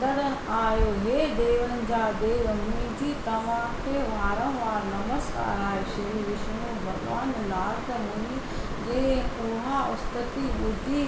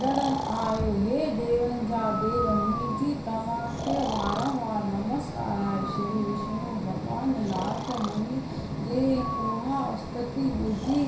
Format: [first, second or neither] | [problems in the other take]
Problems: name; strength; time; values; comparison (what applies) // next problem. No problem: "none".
first | background sound (Breathing); 8 dB below the speech // room echo; dies away in 0.5 s